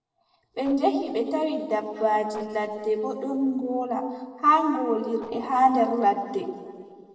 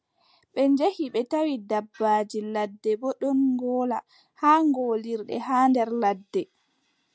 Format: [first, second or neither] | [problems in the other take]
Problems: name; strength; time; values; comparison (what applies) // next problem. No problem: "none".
second | noise reduction (neural separator model SepFormer DNS4)